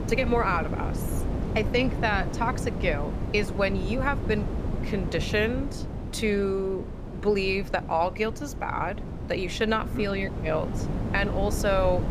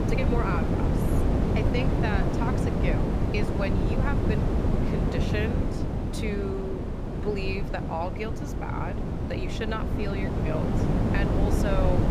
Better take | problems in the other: first | wind noise on the microphone; heavy; 1 dB above the speech; occasional gusts in the first

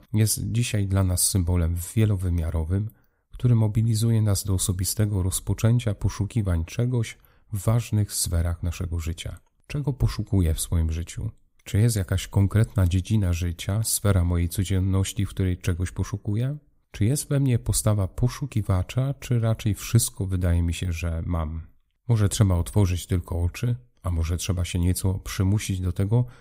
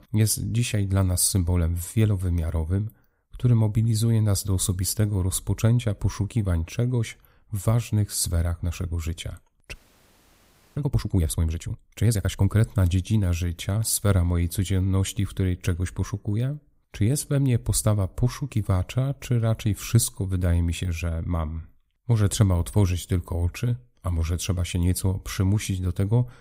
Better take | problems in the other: first | audio freezing; at 9.5 s for 1 s

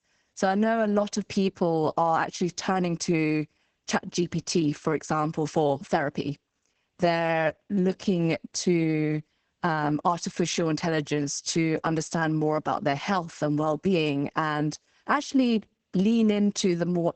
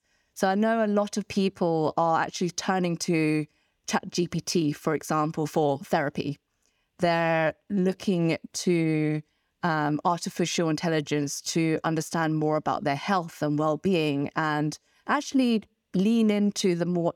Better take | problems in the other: second | garbled, watery; badly; nothing above 8 kHz

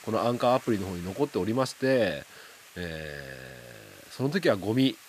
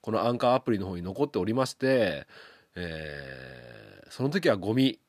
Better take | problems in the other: second | hiss; faint; throughout; 20 dB below the speech

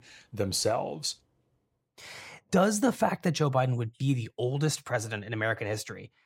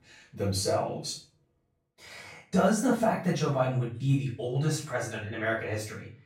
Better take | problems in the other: first | room echo; noticeable; dies away in 0.4 s // off-mic speech; far

